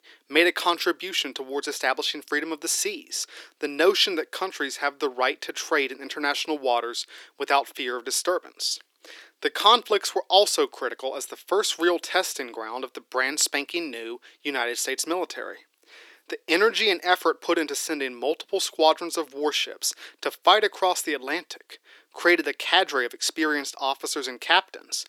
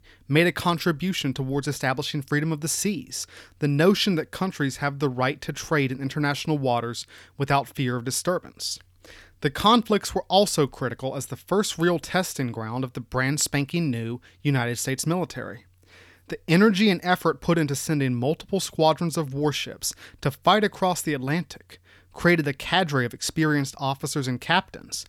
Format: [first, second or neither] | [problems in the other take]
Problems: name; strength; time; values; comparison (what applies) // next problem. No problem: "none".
second | thin; very; fading below 350 Hz